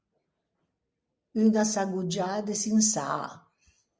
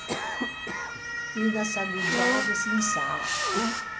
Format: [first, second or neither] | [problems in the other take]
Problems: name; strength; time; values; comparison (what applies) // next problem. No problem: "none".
first | background sound (Cough + Motor vehicle (road) / Siren); 4 dB above the speech